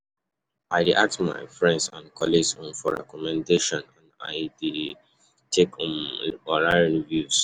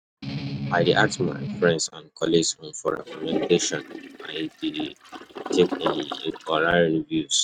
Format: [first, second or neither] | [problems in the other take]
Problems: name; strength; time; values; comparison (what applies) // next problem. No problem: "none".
first | noise reduction (neural mask model RNNoise)